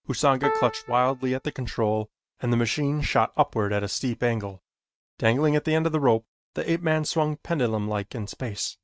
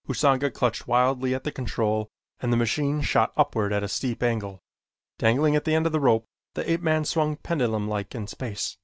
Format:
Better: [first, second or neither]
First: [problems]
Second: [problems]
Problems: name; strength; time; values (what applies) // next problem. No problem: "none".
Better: second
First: noise reduction (neural mask model RNNoise)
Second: none